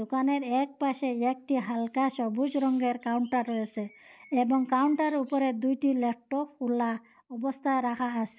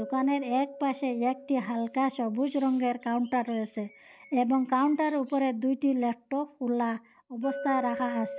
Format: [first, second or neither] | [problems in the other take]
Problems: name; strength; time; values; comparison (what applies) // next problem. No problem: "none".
first | background sound (Chink, clink); 16 dB below the speech